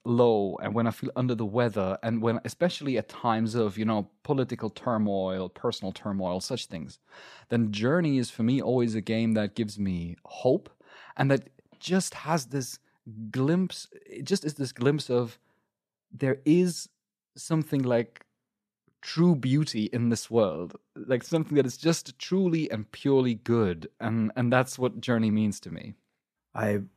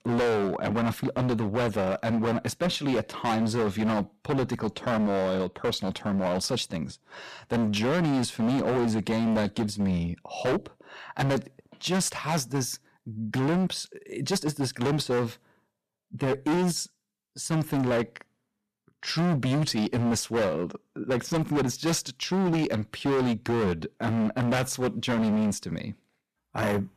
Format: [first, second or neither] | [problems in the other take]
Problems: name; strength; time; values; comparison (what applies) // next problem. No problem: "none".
first | distortion; heavy; 21% of the sound clipped